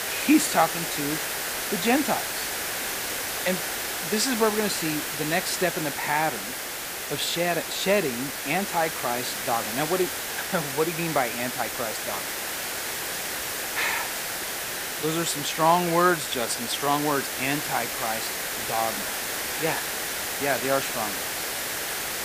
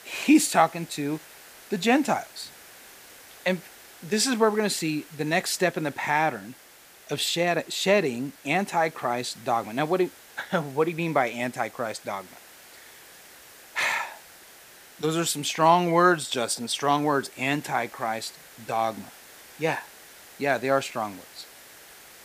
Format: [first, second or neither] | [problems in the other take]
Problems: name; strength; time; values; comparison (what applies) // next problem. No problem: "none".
second | hiss; loud; throughout; 2 dB below the speech; faint in the second